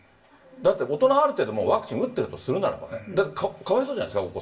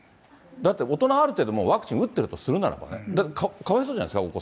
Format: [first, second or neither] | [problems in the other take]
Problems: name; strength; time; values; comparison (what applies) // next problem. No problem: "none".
second | room echo; dies away in 0.2 s